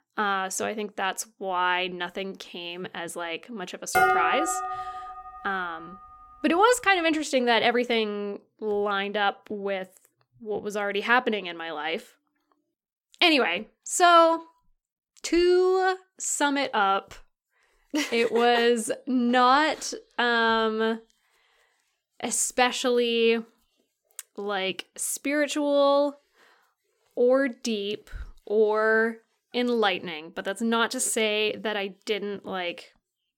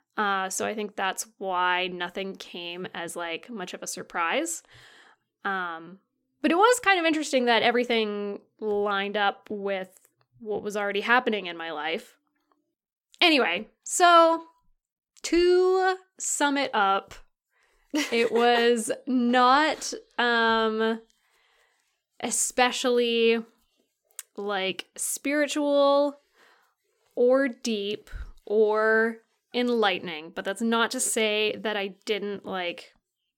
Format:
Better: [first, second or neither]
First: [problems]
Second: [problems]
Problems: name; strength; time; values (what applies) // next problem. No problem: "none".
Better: second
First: clattering dishes; loud; from 4 to 5 s; peak 4 dB above the speech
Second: none